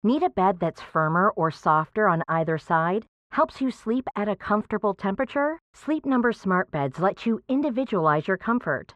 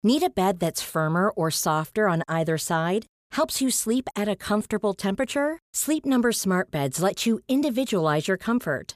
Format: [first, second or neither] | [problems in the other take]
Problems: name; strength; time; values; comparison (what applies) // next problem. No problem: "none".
second | muffled; very; fading above 2 kHz